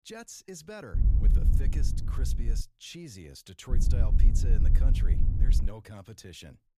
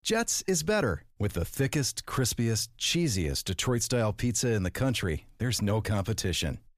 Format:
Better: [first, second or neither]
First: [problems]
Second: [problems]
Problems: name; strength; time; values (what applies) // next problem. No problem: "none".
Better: second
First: wind noise on the microphone; heavy; from 1 to 2.5 s and from 3.5 to 5.5 s; 1 dB below the speech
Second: none